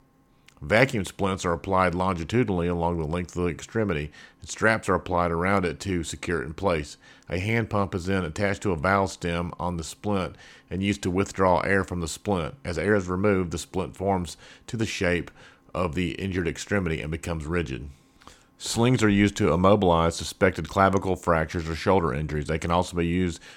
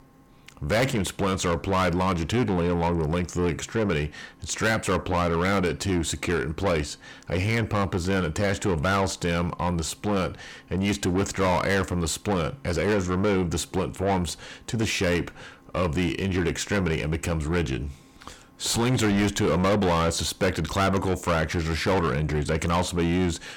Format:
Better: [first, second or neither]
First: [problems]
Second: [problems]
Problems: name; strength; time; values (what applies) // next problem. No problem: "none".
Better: first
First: none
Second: distortion; heavy; 7 dB below the speech